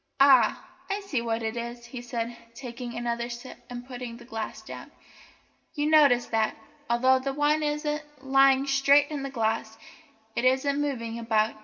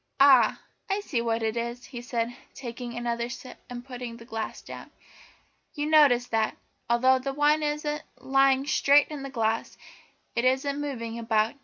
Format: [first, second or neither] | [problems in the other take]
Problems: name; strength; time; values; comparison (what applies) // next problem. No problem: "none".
second | room echo; dies away in 1.5 s